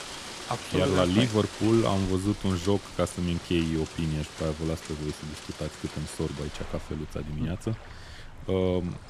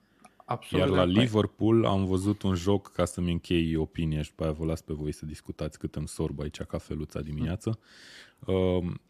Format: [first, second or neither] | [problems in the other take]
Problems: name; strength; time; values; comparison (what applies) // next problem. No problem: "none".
second | rain or running water; noticeable; throughout; 10 dB below the speech